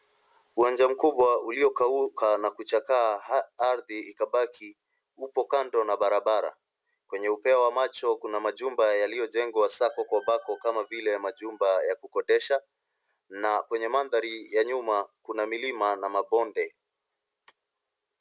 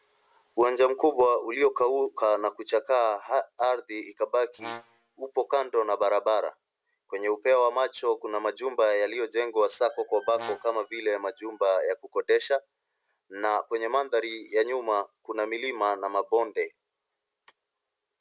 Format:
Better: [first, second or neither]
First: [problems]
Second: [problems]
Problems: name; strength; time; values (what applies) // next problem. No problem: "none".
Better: first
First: none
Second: background sound (Brass instrument); 17 dB below the speech